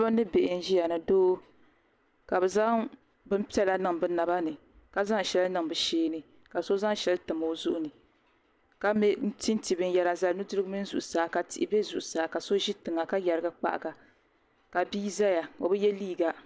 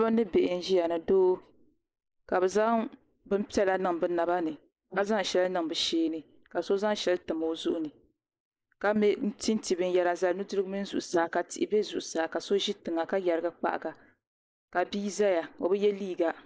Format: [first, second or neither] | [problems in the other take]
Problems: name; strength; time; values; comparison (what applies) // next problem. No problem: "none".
first | noise reduction (neural mask model Resemble Enhance denoiser)